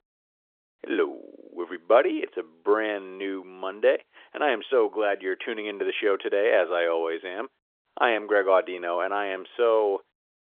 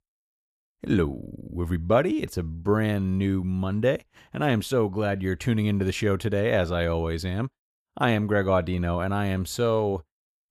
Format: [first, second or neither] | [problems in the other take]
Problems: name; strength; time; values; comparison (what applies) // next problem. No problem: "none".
second | phone-call audio; nothing above 3.5 kHz